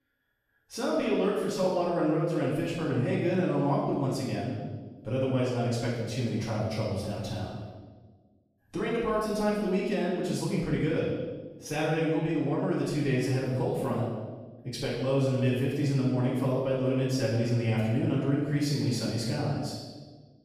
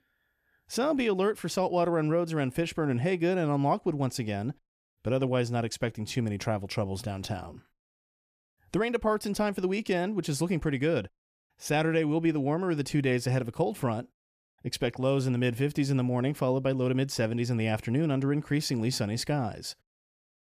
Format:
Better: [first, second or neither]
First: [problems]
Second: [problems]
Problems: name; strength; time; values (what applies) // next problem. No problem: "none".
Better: second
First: off-mic speech; far // room echo; strong; dies away in 1.2 s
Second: none